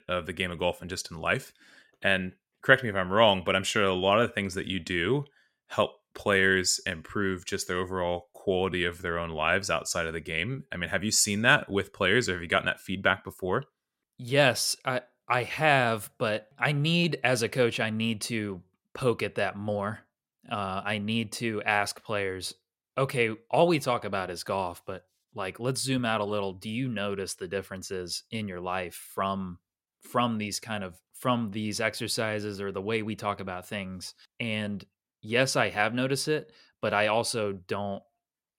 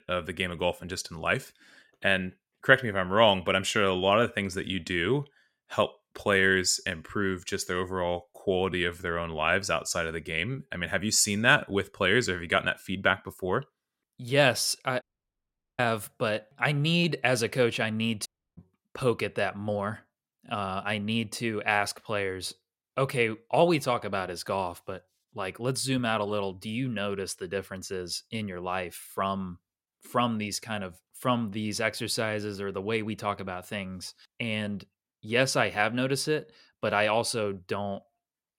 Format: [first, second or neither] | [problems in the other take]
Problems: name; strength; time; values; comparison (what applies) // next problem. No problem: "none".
first | audio cutting out; at 15 s for 1 s and at 18 s